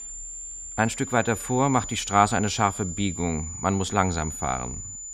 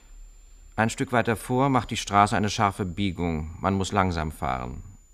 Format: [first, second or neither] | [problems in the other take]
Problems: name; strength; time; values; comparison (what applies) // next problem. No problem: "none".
second | high-pitched whine; loud; throughout; 7 kHz, 9 dB below the speech; faint in the second